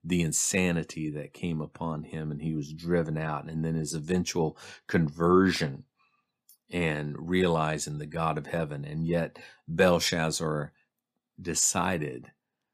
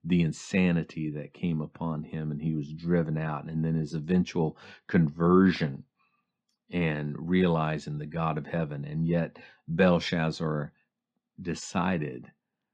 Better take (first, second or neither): first